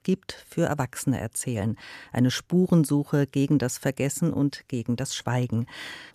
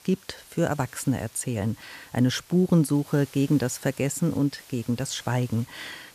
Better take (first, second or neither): first